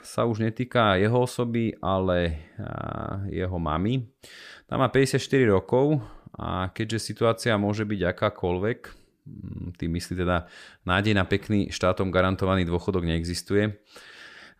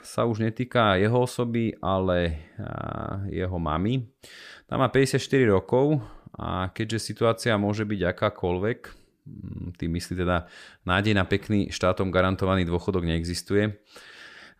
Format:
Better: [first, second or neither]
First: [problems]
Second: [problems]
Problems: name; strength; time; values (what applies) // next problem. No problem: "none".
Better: neither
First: none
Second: none